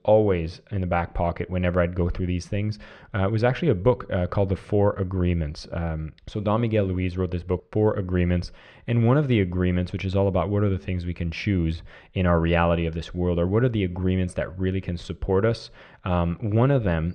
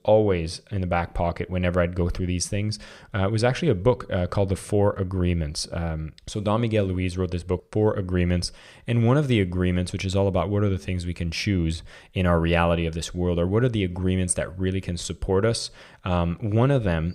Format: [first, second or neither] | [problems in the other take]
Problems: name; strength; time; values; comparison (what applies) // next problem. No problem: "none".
second | muffled; slightly; fading above 3 kHz